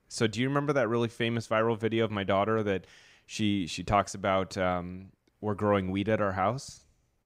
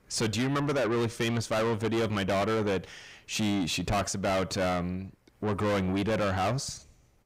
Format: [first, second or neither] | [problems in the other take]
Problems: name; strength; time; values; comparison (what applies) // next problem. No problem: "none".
first | distortion; heavy; 6 dB below the speech